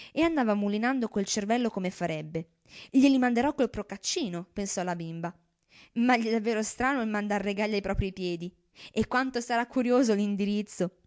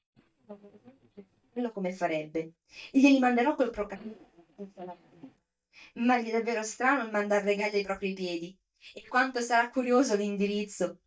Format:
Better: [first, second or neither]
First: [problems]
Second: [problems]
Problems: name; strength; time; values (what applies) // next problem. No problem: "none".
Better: first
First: none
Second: noise reduction (neural mask model DeepFilterNet 3)